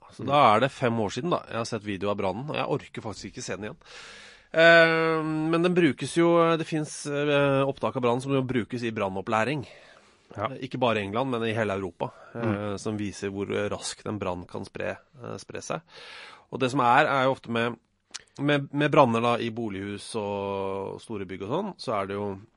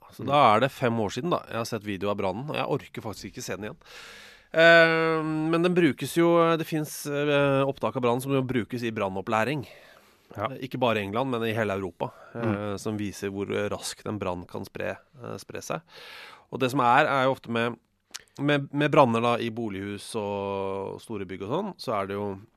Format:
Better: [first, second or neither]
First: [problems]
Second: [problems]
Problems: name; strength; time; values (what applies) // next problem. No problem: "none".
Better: second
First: garbled, watery; slightly; nothing above 10.5 kHz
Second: none